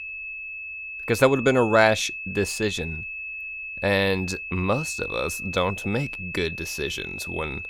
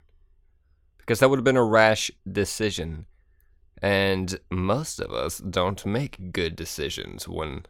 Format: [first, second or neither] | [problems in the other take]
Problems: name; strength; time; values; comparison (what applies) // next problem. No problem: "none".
second | high-pitched whine; loud; throughout; 2.5 kHz, 7 dB below the speech